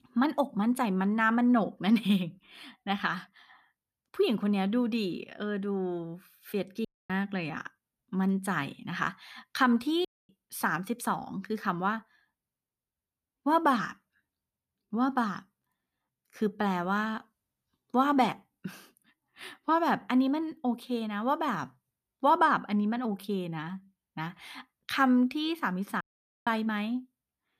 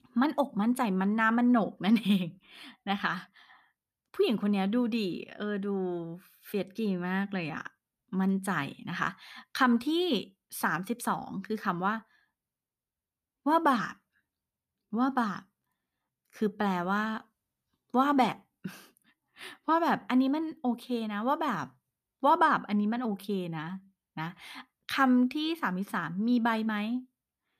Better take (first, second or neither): second